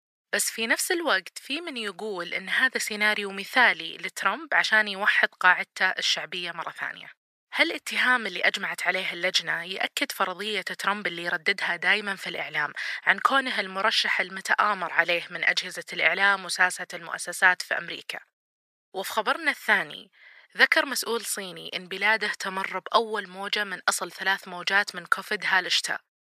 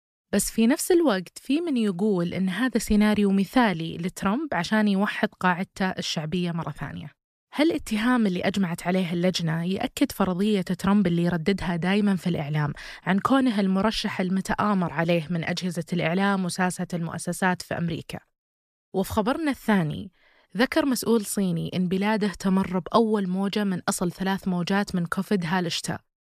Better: second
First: thin; very; fading below 600 Hz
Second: none

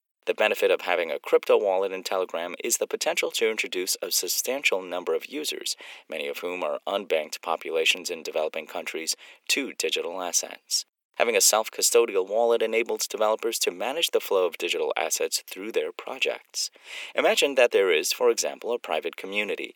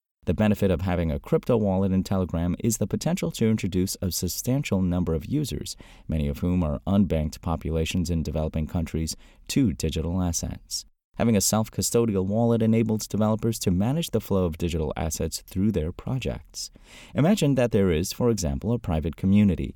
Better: second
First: thin; very; fading below 400 Hz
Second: none

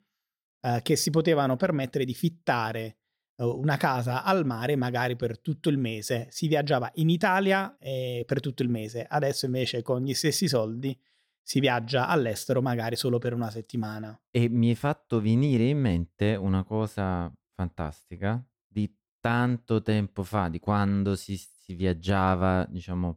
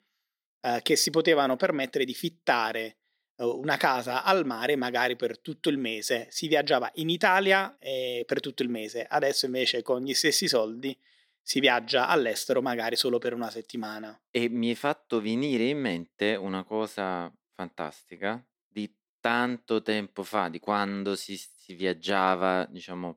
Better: first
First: none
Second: thin; somewhat; fading below 250 Hz

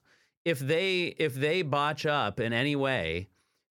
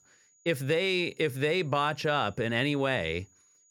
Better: first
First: none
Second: high-pitched whine; faint; throughout; 7 kHz, 35 dB below the speech

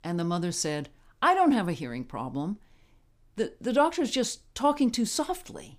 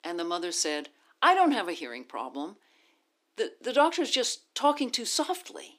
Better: first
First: none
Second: thin; very slightly; fading below 300 Hz

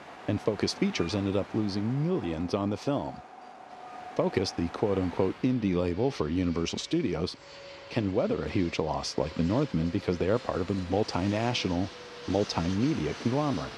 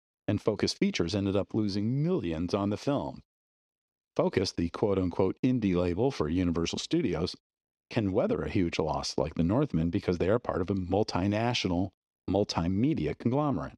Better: second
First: train or aircraft noise; noticeable; throughout; 15 dB below the speech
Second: none

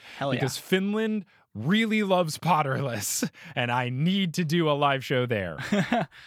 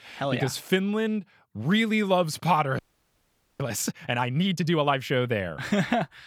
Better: first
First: none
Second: audio freezing; at 3 s for 1 s

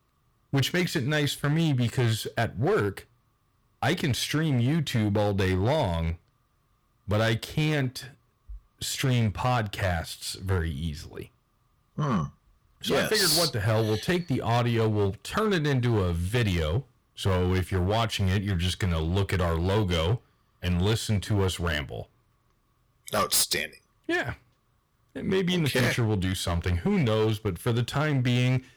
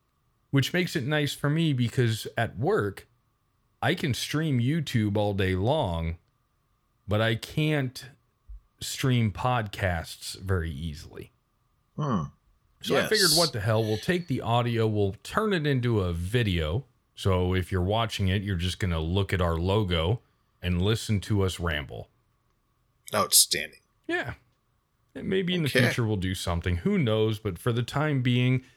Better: second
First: distortion; slight; 10% of the sound clipped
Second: none

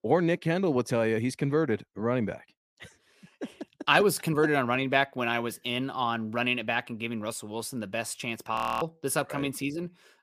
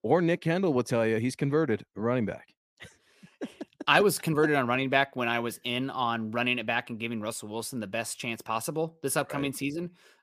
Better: second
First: audio freezing; at 8.5 s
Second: none

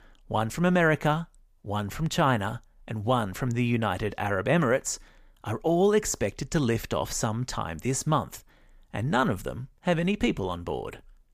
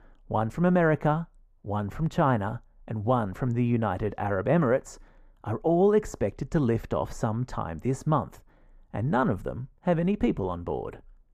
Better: first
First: none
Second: muffled; slightly; fading above 2 kHz

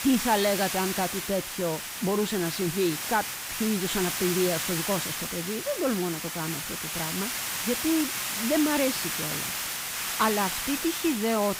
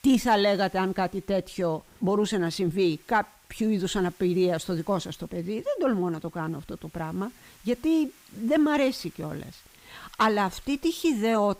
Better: second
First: hiss; loud; throughout; 1 dB below the speech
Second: hiss; faint; throughout; 25 dB below the speech

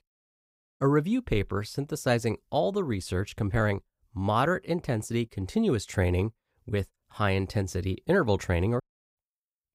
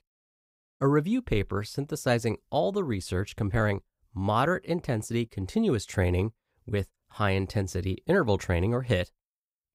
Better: second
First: audio cutting out; at 9 s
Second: none

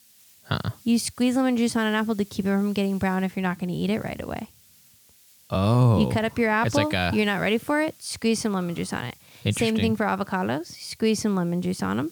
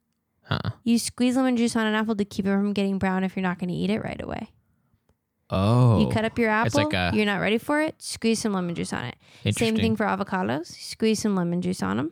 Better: second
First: hiss; faint; throughout; 25 dB below the speech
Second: none

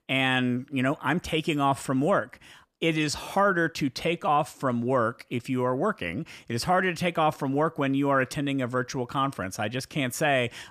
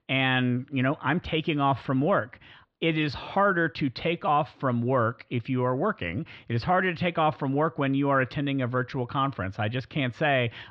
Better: first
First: none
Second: muffled; slightly; fading above 4 kHz

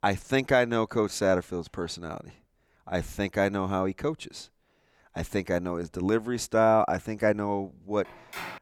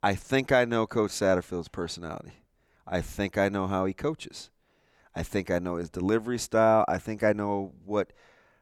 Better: second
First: phone ringing; faint; at 8 s; peak 10 dB below the speech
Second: none

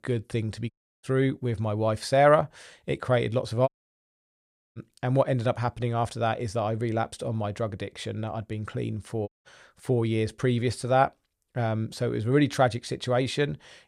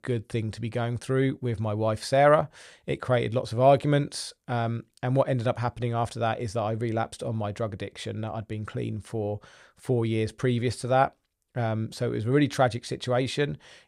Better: second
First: audio cutting out; at 0.5 s, at 3.5 s for 1 s and at 9.5 s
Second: none

